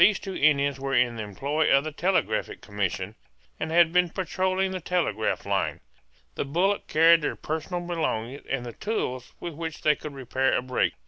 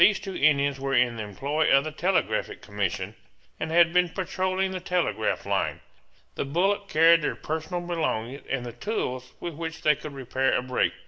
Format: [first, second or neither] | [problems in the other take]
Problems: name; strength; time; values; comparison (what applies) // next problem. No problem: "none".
first | room echo; dies away in 0.5 s